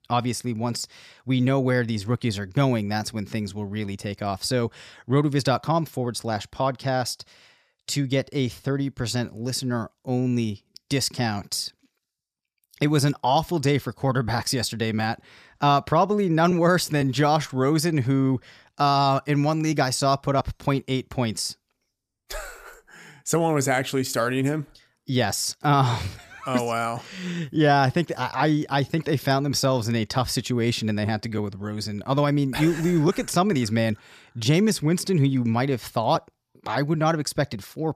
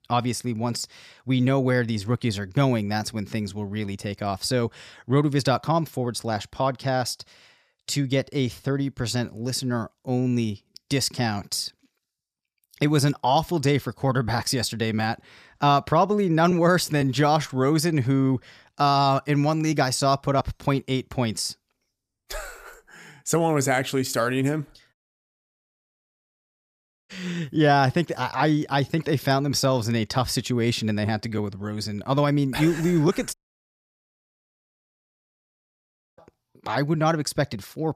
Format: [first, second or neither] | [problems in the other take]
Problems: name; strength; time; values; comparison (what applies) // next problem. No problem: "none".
first | audio cutting out; at 25 s for 2 s and at 33 s for 3 s